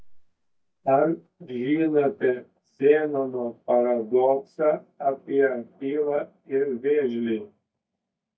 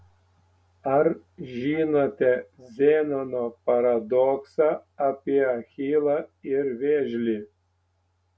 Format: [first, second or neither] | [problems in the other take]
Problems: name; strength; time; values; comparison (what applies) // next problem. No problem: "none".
second | noise reduction (neural mask model DeepFilterNet 3)